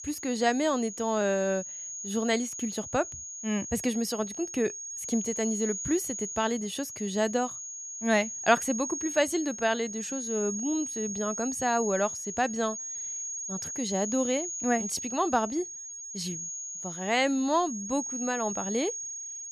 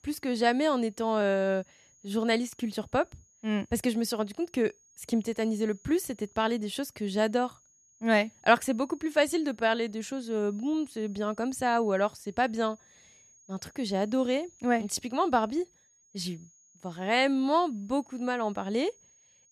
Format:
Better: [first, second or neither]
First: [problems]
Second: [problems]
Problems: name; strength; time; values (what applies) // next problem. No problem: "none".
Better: second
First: high-pitched whine; loud; throughout; 6.5 kHz, 5 dB below the speech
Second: high-pitched whine; faint; throughout; 6.5 kHz, 30 dB below the speech